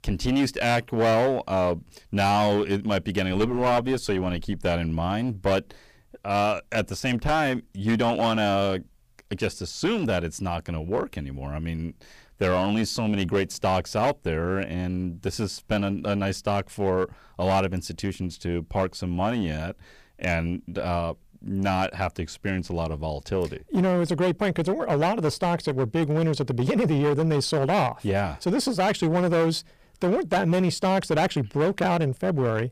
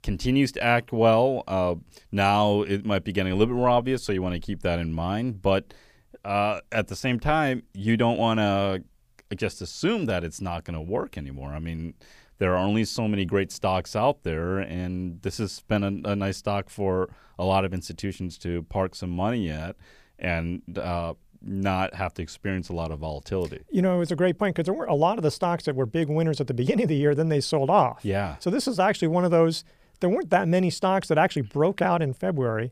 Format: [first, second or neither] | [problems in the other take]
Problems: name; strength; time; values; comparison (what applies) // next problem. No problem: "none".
second | distortion; slight; 11% of the sound clipped